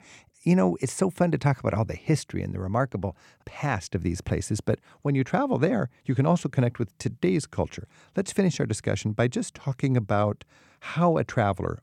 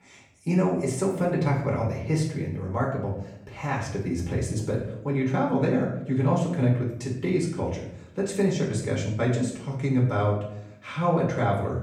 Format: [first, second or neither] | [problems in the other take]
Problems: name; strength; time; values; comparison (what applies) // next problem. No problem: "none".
first | off-mic speech; far // room echo; noticeable; dies away in 0.6 s